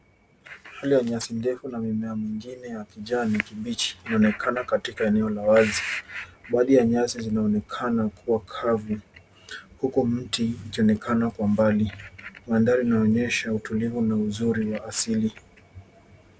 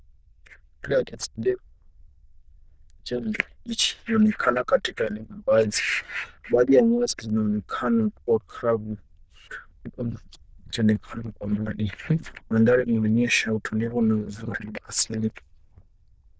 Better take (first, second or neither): first